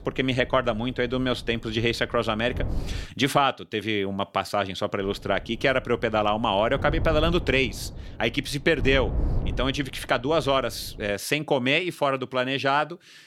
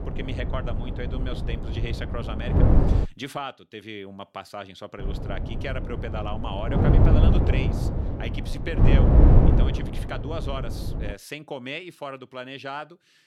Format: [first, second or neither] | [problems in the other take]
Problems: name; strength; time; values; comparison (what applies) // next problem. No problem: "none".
first | wind noise on the microphone; heavy; until 3 s and from 5 to 11 s; 2 dB above the speech; occasional gusts in the first